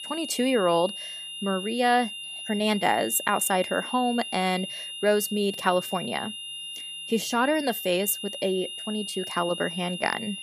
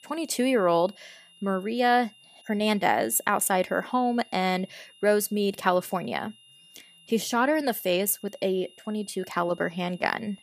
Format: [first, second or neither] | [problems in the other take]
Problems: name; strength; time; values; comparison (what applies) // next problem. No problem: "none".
second | high-pitched whine; loud; throughout; 3 kHz, 8 dB below the speech; faint in the second